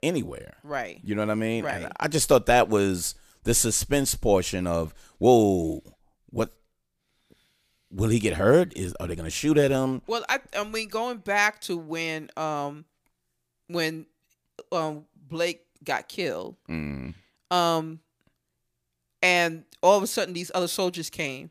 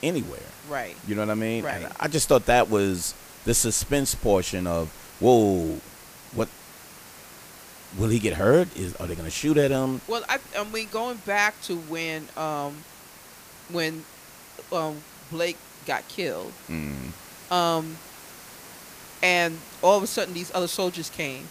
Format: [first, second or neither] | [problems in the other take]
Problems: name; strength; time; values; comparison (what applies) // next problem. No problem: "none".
first | hiss; noticeable; throughout; 20 dB below the speech